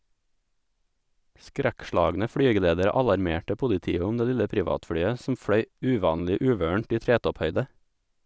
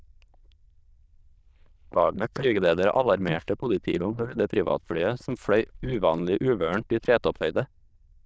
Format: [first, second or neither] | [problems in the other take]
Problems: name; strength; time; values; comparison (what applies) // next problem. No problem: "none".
first | noise reduction (neural diffusion model UNIVERSE++)